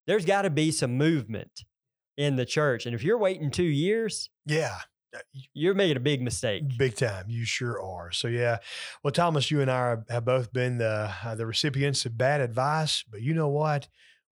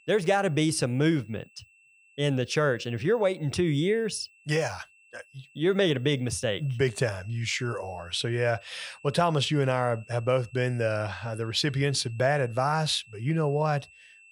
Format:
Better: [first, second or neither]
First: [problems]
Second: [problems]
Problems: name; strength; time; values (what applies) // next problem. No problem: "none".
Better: first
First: none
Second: high-pitched whine; faint; throughout; 2.5 kHz, 25 dB below the speech